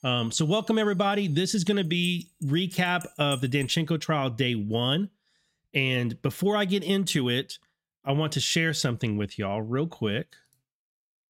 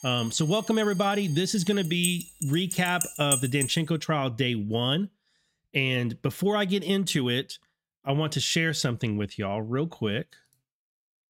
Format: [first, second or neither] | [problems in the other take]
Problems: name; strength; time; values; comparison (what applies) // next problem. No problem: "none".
first | alarms or sirens; loud; until 3.5 s; 7 dB below the speech; faint in the first